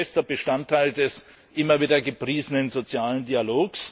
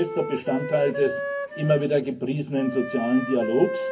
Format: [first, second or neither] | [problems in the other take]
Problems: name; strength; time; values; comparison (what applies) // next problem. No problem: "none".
first | background sound (Wind instrument, woodwind instrument); 8 dB below the speech // room echo; dies away in 0.3 s